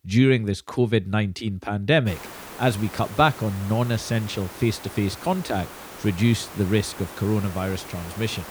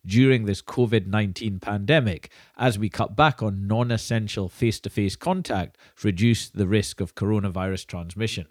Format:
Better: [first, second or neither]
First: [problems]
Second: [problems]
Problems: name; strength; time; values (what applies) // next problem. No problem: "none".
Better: second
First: hiss; noticeable; from 2 s on; 15 dB below the speech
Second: none